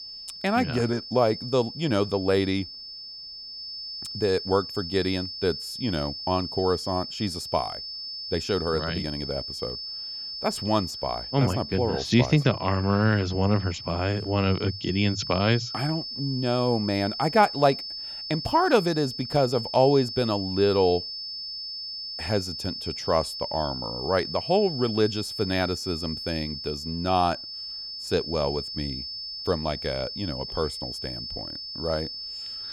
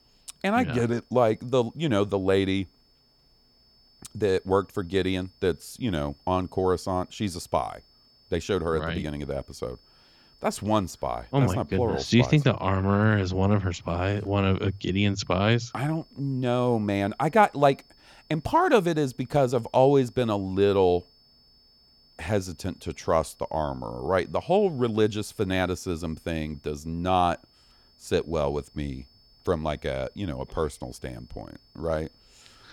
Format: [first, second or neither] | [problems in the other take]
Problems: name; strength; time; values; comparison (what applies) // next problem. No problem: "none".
second | high-pitched whine; loud; throughout; 5 kHz, 7 dB below the speech; faint in the second